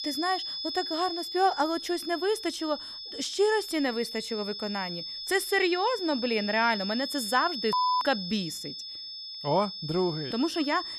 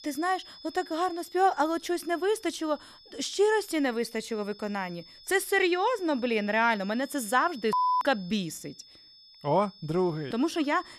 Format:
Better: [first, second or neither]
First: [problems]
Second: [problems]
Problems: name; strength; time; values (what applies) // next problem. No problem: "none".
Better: second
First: high-pitched whine; loud; throughout; 5 kHz, 6 dB below the speech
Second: high-pitched whine; faint; throughout; 5 kHz, 20 dB below the speech